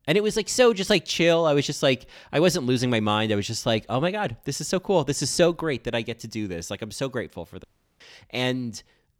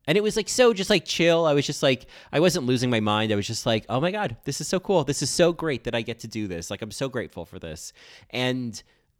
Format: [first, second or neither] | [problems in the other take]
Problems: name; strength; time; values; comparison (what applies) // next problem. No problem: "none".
second | audio cutting out; at 7.5 s